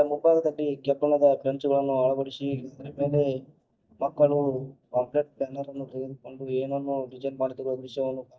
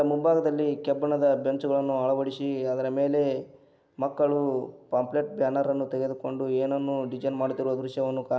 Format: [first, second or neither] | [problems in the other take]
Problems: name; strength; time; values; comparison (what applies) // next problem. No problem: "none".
second | noise reduction (neural mask model DeepFilterNet 3)